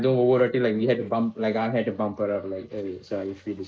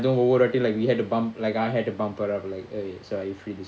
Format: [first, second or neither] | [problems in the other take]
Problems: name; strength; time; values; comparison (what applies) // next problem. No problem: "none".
second | noise reduction (neural mask model Resemble Enhance denoiser)